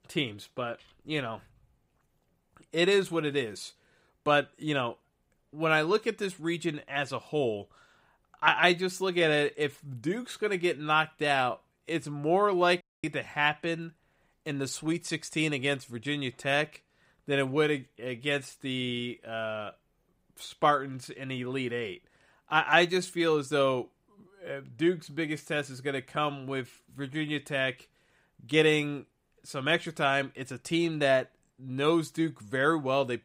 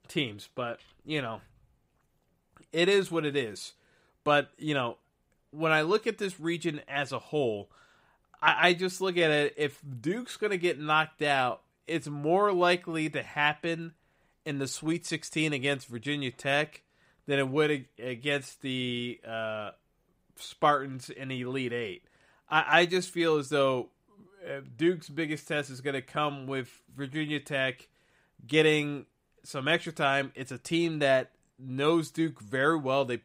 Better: second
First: audio cutting out; at 13 s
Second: none

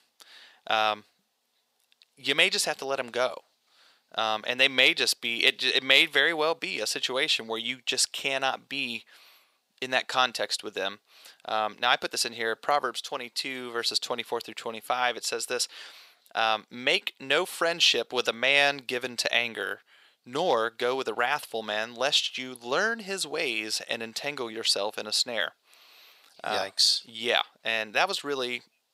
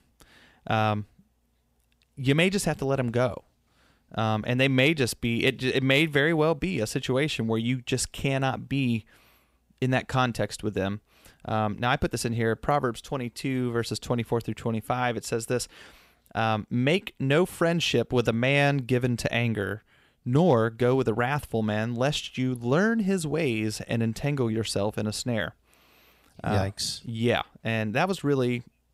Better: second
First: thin; very; fading below 600 Hz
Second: none

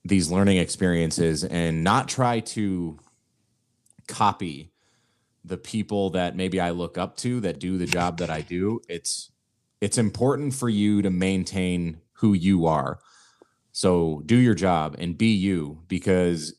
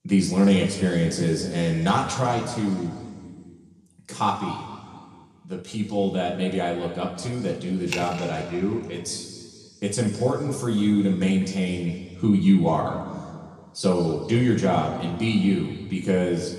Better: first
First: none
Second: room echo; noticeable; dies away in 2 s // off-mic speech; somewhat distant

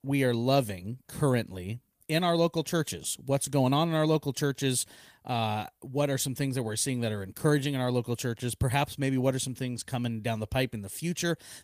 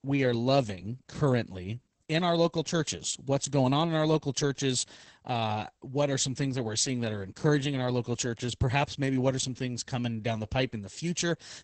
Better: first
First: garbled, watery; slightly; nothing above 15 kHz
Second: garbled, watery; badly; nothing above 8 kHz

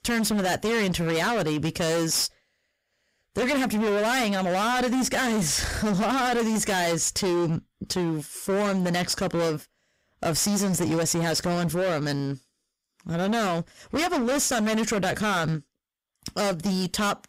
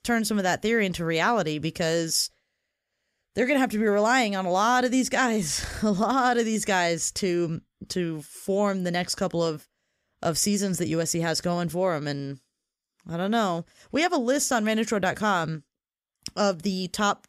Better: second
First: distortion; heavy; 28% of the sound clipped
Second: none

